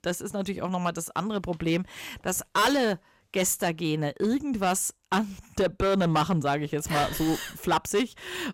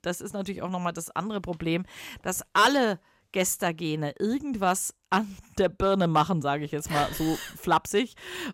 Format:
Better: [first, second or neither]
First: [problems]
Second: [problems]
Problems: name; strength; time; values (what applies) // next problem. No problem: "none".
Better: second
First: distortion; slight; 6% of the sound clipped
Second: none